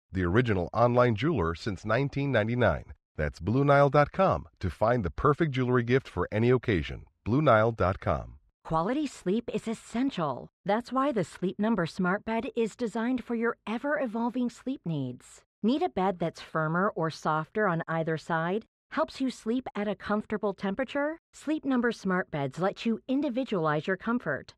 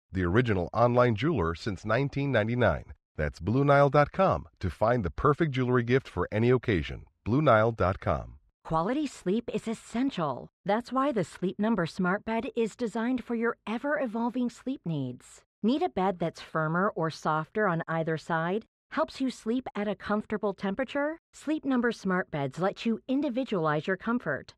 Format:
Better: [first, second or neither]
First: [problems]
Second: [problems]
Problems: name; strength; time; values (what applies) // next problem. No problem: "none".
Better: neither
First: muffled; slightly; fading above 3 kHz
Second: muffled; slightly; fading above 3 kHz